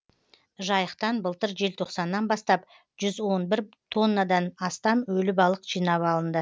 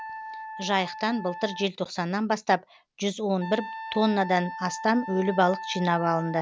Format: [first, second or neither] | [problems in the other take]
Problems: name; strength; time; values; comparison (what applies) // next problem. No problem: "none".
first | background sound (Wind instrument, woodwind instrument); 12 dB below the speech